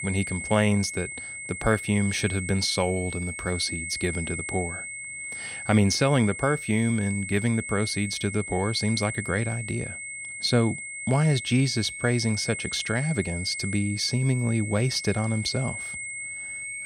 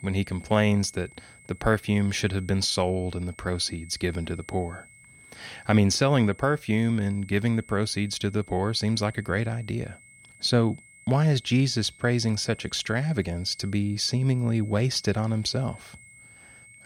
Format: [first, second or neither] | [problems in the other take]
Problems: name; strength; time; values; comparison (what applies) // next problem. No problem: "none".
second | high-pitched whine; loud; throughout; 2 kHz, 7 dB below the speech; faint in the second